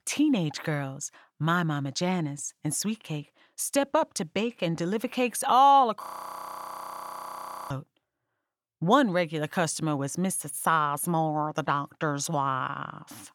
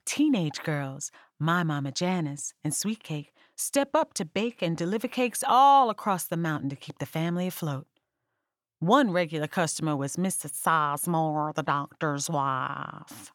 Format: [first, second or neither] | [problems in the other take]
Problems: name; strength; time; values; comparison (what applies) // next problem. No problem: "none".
second | audio freezing; at 6 s for 1.5 s